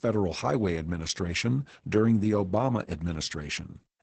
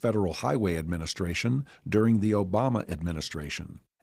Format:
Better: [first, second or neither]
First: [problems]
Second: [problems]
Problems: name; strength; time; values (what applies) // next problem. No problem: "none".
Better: second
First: garbled, watery; badly; nothing above 8 kHz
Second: garbled, watery; slightly; nothing above 15.5 kHz